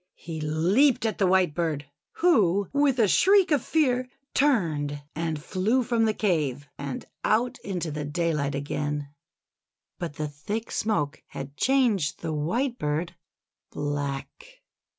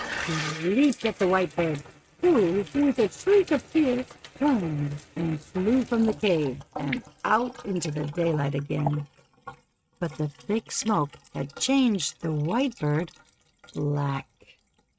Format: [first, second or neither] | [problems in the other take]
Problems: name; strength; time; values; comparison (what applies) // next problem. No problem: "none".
first | noise reduction (neural mask model RNNoise)